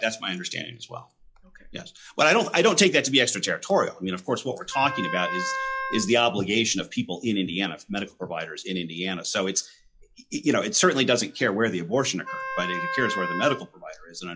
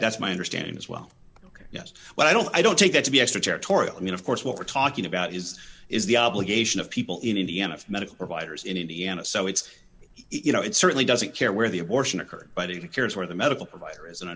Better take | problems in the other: second | noise reduction (classical method log-MMSE)

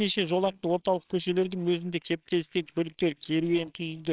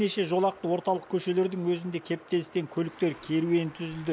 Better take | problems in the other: second | noise reduction (neural separator model SepFormer WHAMR!)

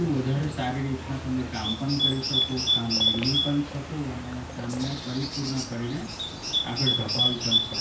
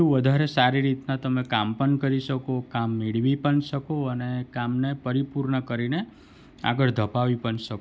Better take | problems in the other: second | background sound (Bird); 1 dB above the speech // room echo; dies away in 0.3 s

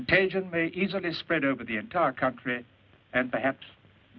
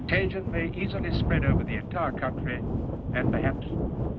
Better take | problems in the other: first | background sound (Thunder); 4 dB above the speech

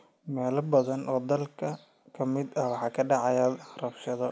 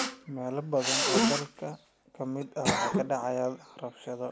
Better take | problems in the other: first | background sound (Cough); 1 dB above the speech

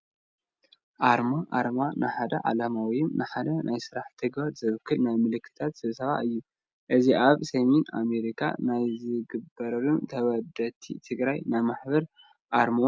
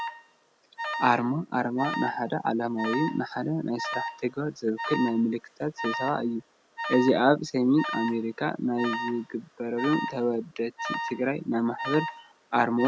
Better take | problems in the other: first | background sound (Alarm); 9 dB below the speech

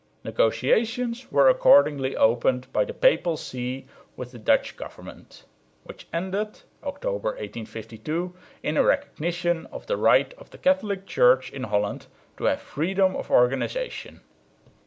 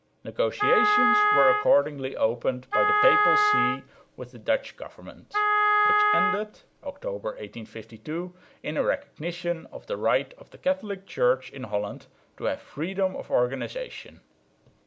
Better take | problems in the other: first | background sound (Wind instrument, woodwind instrument); 4 dB above the speech

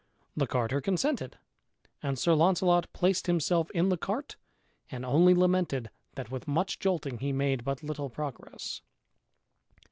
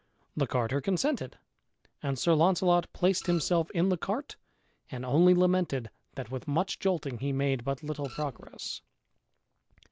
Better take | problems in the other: first | background sound (Printer); 17 dB below the speech

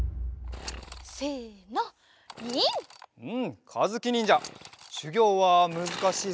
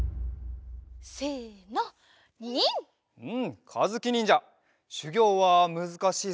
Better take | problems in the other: second | background sound (Sawing / Engine); 17 dB below the speech

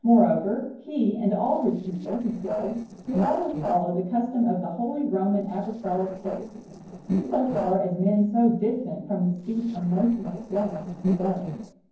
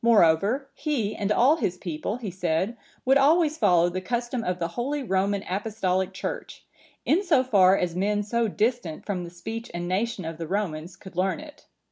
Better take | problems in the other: second | noise reduction (neural separator model SepFormer DNS4)

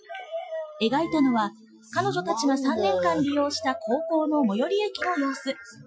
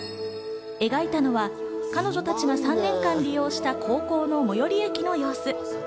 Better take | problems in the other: second | noise reduction (classical method Wiener filter)

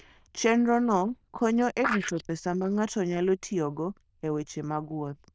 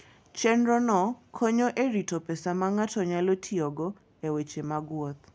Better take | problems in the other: second | noise reduction (neural diffusion model UNIVERSE++)

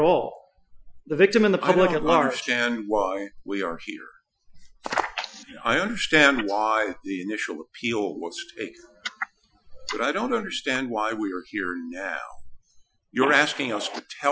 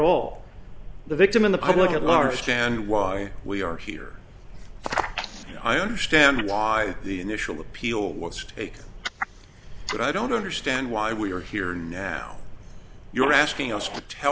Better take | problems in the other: second | noise reduction (classical method Wiener filter)

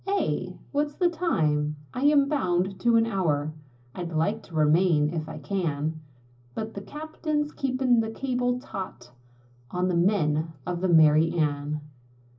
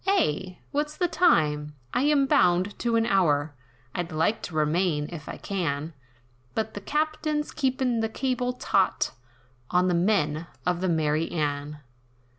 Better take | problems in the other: second | room echo; dies away in 0.4 s

